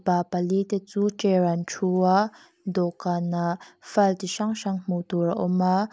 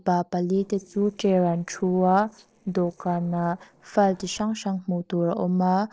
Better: first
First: none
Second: noise reduction (neural separator model SepFormer DNS4)

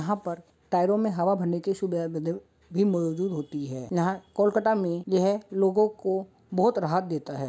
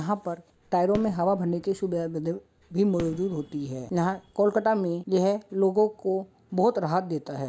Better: first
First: none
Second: background sound (Fireworks); 17 dB below the speech

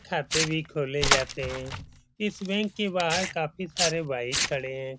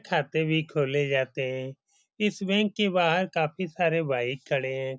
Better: second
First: background sound (Tearing); 2 dB below the speech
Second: none

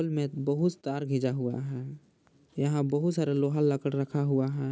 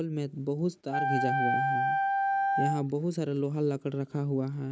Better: first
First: none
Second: background sound (Wind instrument, woodwind instrument); 2 dB above the speech

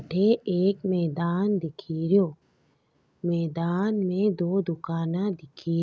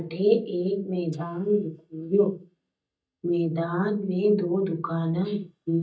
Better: first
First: none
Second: noise reduction (neural mask model DeepFilterNet 3)

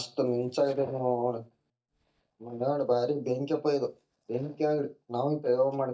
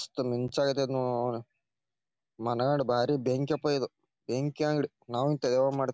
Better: second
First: noise reduction (neural mask model DeepFilterNet 3)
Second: none

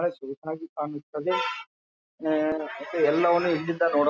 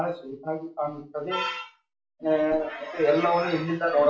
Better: first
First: none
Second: room echo; dies away in 0.4 s

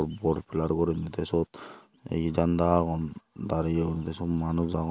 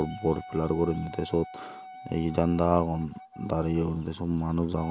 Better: first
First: none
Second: background sound (Wind instrument, woodwind instrument); 17 dB below the speech

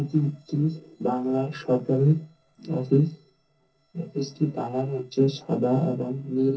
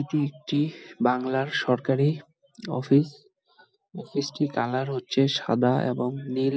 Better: second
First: noise reduction (neural separator model SepFormer DNS4)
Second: none

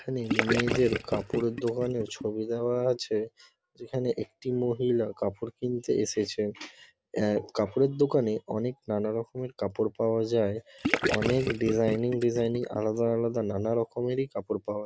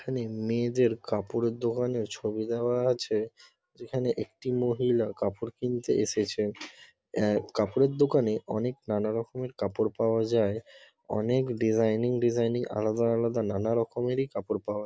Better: second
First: background sound (Gurgling / Liquid); 3 dB below the speech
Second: none

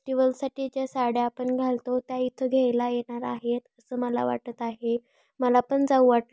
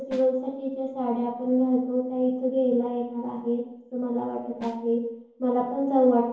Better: first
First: none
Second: noise reduction (neural separator model SepFormer DNS4)

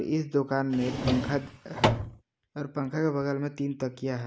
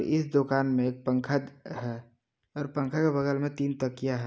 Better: second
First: background sound (Drawer open or close); as loud as the speech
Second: none

